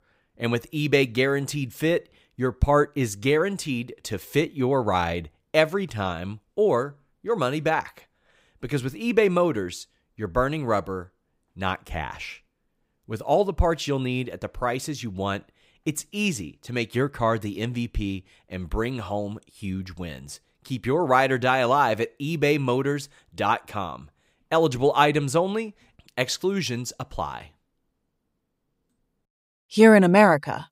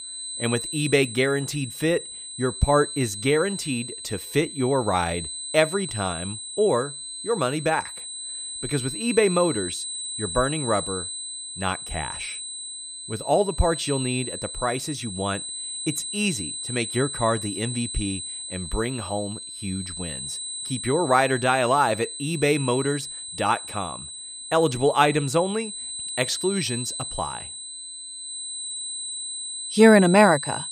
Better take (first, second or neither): first